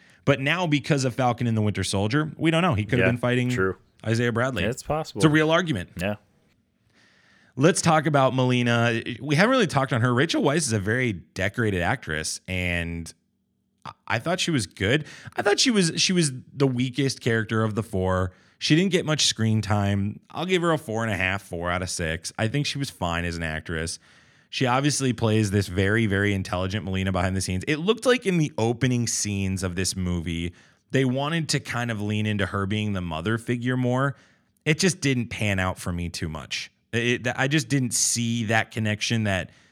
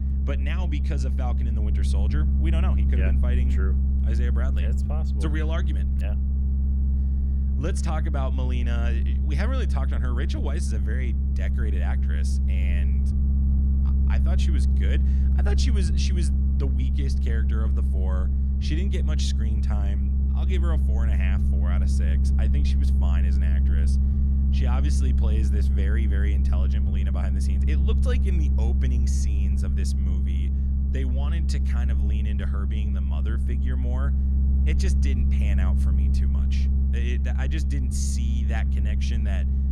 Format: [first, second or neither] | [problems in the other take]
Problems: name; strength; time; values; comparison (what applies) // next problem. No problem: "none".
first | low rumble; loud; throughout; 1 dB below the speech